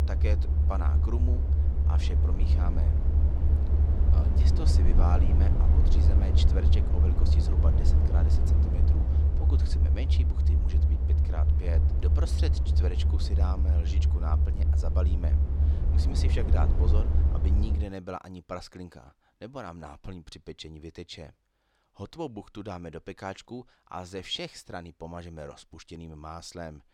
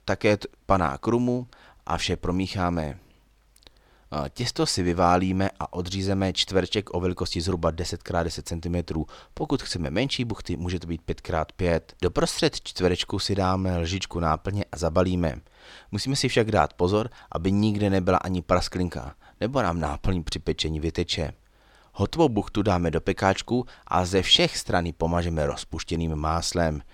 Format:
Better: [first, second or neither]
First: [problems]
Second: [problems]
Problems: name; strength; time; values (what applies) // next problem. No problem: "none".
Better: second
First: low rumble; loud; until 18 s; 1 dB below the speech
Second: none